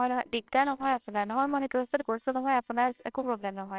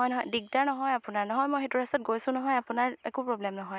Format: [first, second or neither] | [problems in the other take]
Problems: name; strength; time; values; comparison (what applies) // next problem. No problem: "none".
second | noise reduction (neural separator model SepFormer WHAMR!)